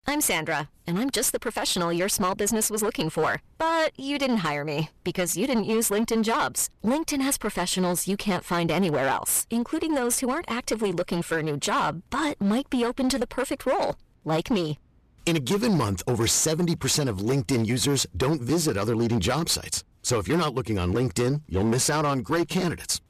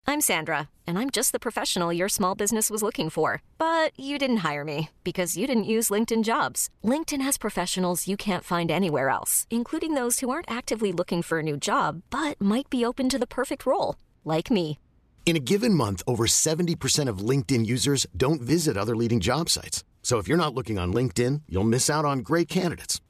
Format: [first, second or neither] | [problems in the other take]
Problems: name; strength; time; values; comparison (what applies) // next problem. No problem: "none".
second | distortion; slight; 13% of the sound clipped